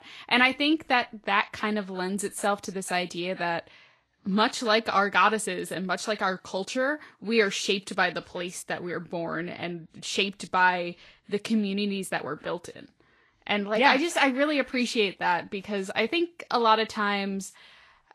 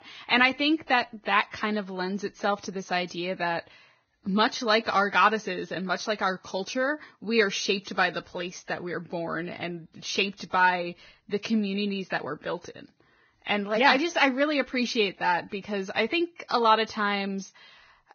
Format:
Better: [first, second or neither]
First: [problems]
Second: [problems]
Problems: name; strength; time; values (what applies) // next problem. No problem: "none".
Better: first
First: garbled, watery; slightly; nothing above 11.5 kHz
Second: garbled, watery; badly; nothing above 6.5 kHz